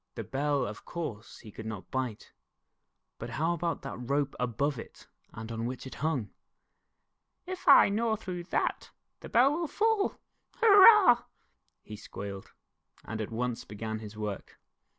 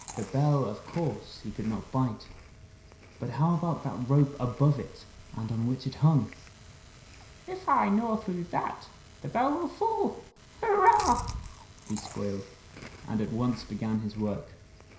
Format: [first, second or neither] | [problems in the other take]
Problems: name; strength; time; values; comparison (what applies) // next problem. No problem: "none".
first | background sound (Chewing, mastication); 17 dB below the speech // room echo; dies away in 0.5 s